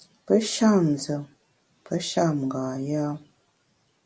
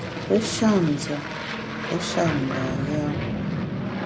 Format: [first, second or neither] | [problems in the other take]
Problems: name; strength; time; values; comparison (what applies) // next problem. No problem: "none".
first | background sound (Aircraft + Boat, Water vehicle); 2 dB below the speech